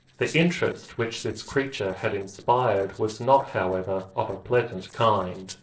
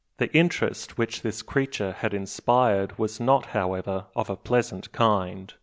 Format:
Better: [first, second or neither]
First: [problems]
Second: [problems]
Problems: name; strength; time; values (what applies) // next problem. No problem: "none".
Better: second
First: noise reduction (neural separator model SepFormer DNS4)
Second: none